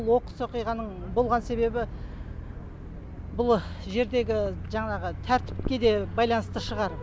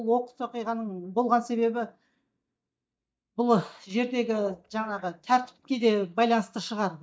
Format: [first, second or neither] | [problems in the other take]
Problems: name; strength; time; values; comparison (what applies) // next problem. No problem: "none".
first | noise reduction (neural mask model DeepFilterNet 3)